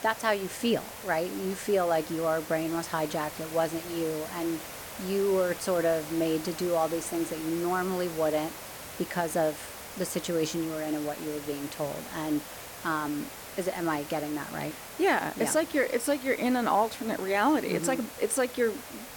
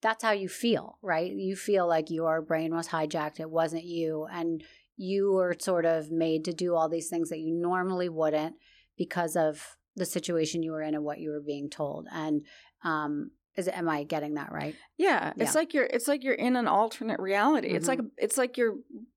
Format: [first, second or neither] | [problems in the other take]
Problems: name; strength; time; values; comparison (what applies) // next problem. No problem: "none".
second | hiss; noticeable; throughout; 10 dB below the speech